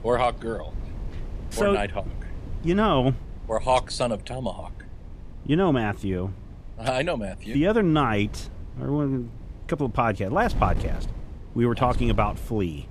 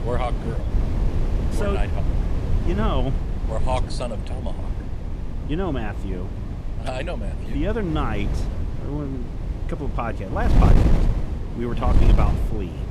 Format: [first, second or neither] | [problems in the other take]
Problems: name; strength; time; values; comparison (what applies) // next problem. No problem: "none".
first | wind noise on the microphone; heavy; 5 dB below the speech; occasional gusts in the first